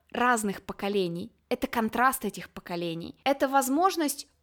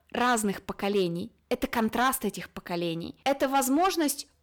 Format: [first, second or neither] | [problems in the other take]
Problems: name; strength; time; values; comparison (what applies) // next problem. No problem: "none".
first | distortion; slight; 4% of the sound clipped